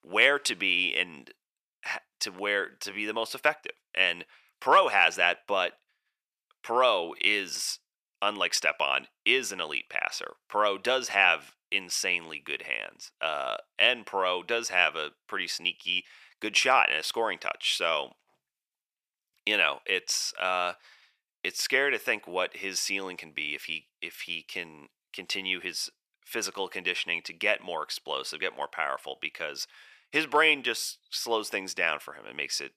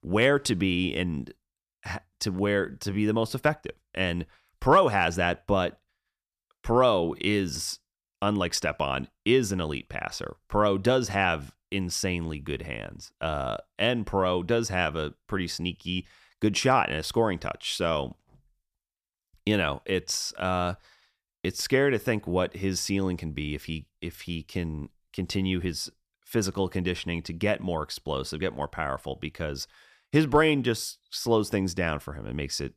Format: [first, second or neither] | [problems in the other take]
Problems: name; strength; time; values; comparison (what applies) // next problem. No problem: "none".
second | thin; very; fading below 600 Hz